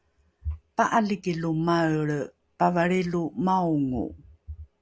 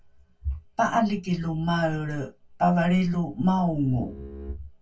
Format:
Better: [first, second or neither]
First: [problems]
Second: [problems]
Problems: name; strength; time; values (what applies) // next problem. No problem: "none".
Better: first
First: none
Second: background sound (Bowed string instrument); 17 dB below the speech // room echo; dies away in 0.1 s